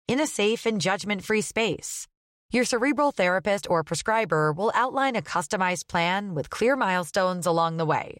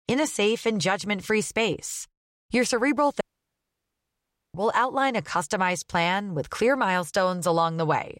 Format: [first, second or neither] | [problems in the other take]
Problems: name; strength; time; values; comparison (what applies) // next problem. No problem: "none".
first | audio cutting out; at 3 s for 1.5 s